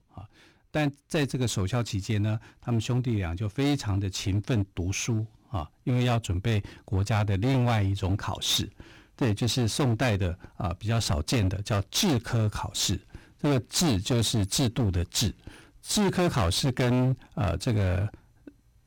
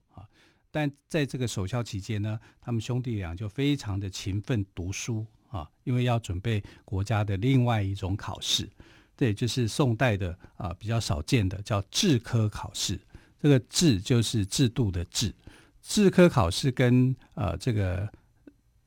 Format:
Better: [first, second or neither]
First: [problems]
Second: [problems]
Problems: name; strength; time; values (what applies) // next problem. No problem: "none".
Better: second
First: distortion; heavy; 15% of the sound clipped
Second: none